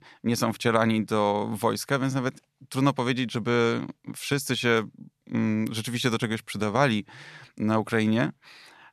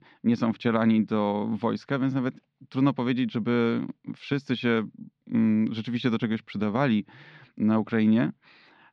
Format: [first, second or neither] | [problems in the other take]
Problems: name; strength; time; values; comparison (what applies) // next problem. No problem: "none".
first | muffled; slightly; fading above 4 kHz